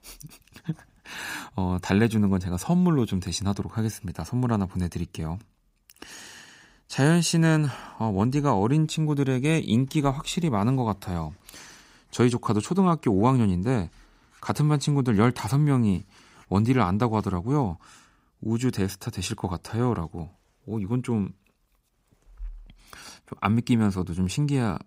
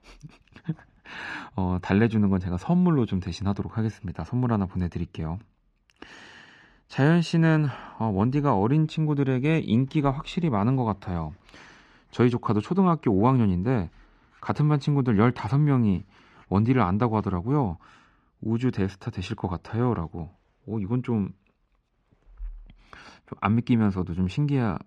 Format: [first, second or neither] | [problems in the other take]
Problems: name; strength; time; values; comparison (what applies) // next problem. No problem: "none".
first | muffled; slightly; fading above 3 kHz